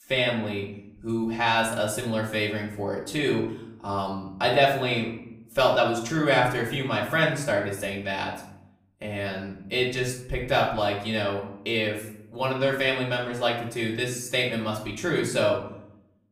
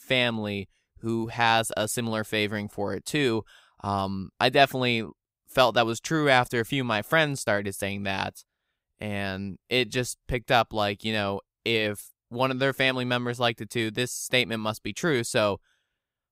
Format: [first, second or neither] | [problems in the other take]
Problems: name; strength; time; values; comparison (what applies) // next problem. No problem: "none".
second | off-mic speech; far // room echo; slight; dies away in 0.6 s